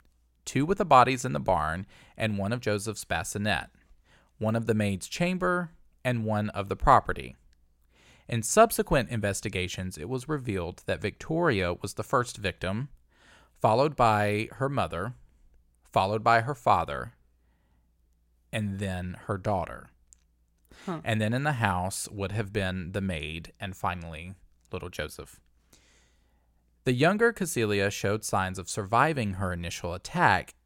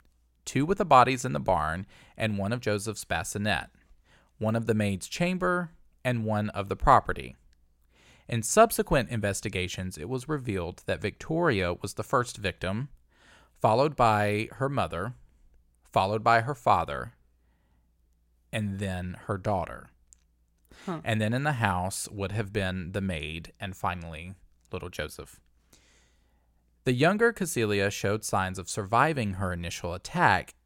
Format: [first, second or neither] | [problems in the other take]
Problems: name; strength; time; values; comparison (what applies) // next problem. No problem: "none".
neither | none